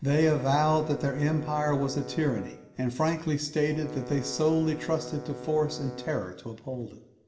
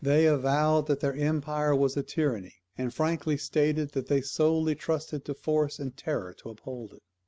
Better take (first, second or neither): second